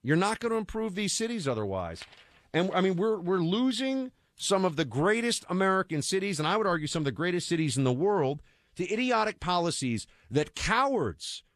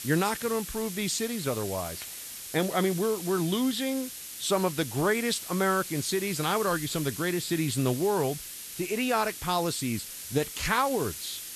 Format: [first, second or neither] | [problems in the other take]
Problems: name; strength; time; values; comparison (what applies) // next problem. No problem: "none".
first | hiss; loud; throughout; 8 dB below the speech